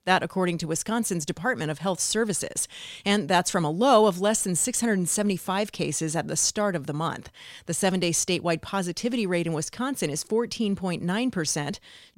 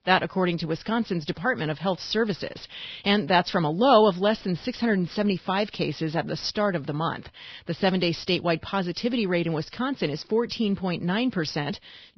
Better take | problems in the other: first | garbled, watery; badly; nothing above 5.5 kHz

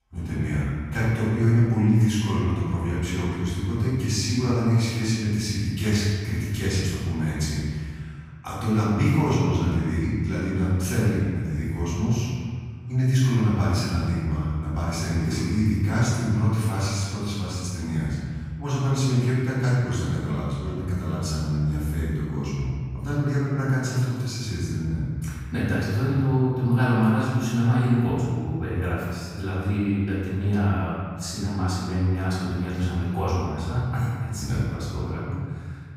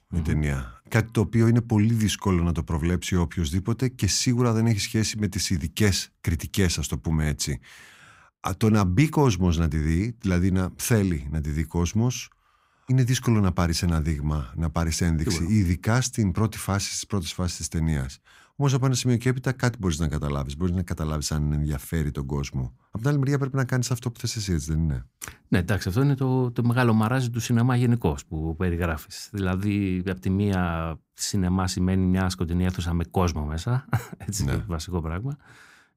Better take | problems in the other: second | off-mic speech; far // room echo; strong; dies away in 1.8 s

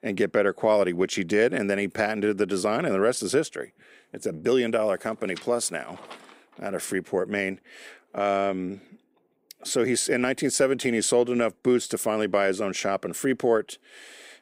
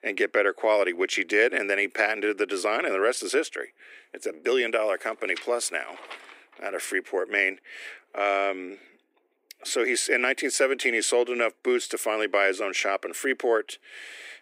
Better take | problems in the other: first | thin; somewhat; fading below 300 Hz

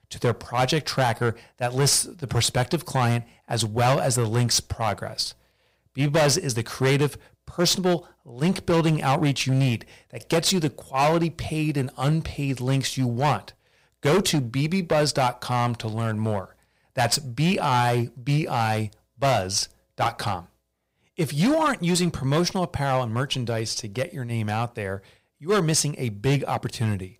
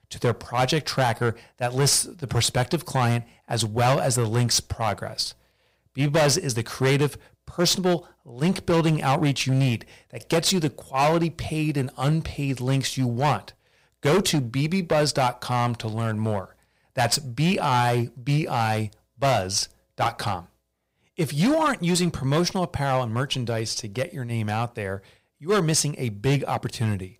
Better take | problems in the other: neither | distortion; heavy; 8% of the sound clipped; the same in both

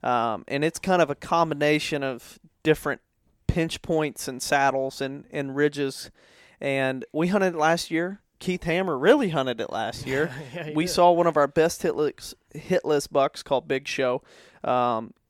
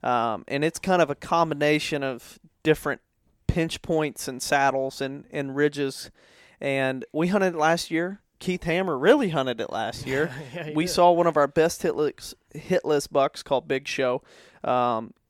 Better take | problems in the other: neither | none

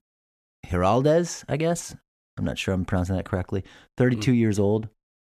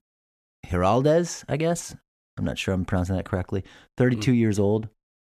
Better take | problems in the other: neither | none

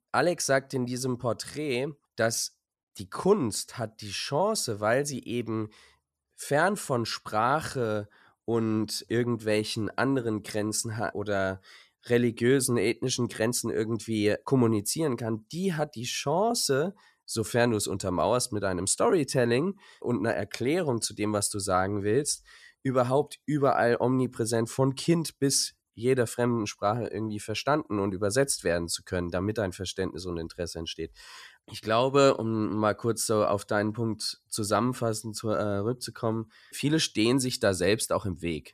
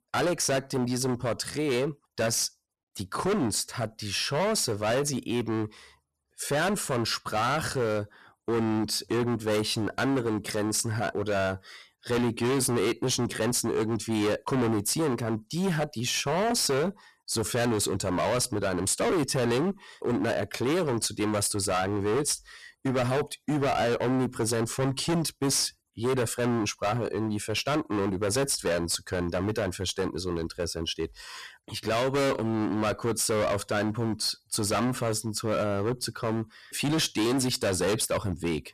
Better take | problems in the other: first | distortion; heavy; 19% of the sound clipped

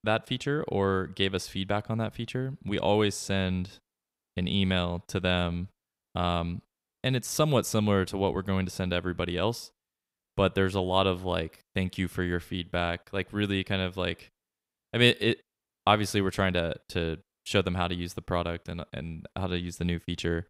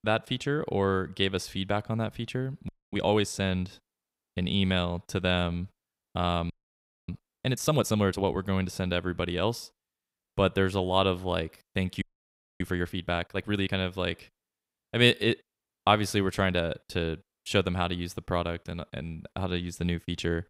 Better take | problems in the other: first | audio freezing; at 2.5 s, at 6.5 s for 0.5 s and at 12 s for 0.5 s

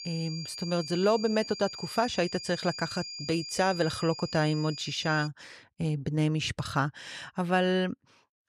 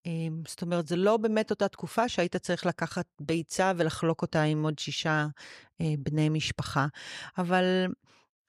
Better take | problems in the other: second | high-pitched whine; loud; until 5.5 s; 5 kHz, 9 dB below the speech

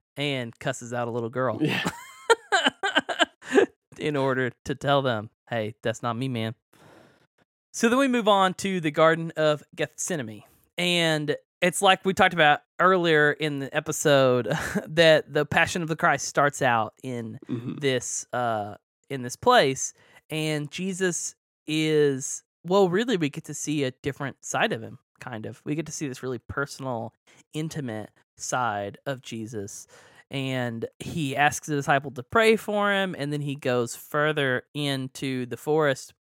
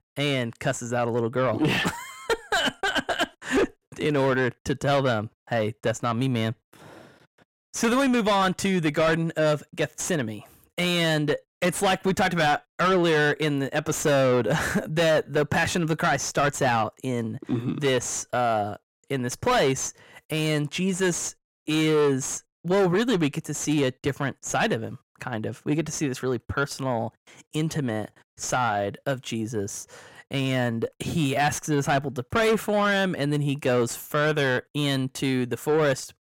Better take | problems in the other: first | distortion; heavy; 6 dB below the speech

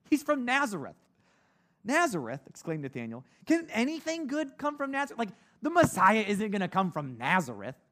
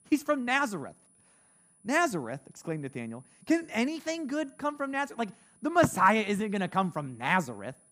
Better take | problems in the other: first | high-pitched whine; faint; throughout; 10 kHz, 30 dB below the speech

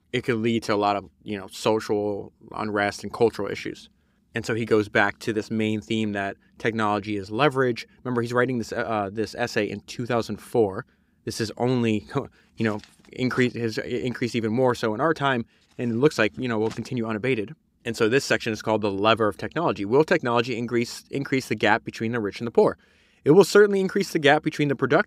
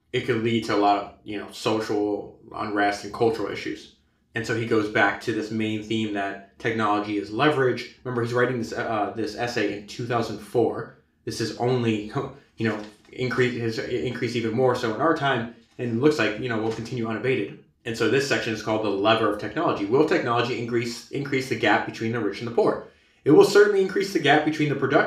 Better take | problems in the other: first | room echo; slight; dies away in 0.4 s // off-mic speech; far

